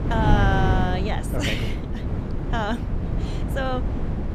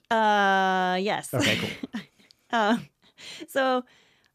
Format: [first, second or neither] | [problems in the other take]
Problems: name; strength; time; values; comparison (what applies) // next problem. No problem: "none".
second | wind noise on the microphone; heavy; 7 dB below the speech